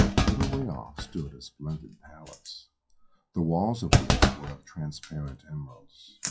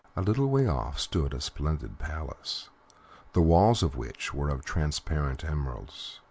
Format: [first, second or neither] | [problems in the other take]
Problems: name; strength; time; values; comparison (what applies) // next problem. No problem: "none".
second | noise reduction (classical method WPE with log-MMSE)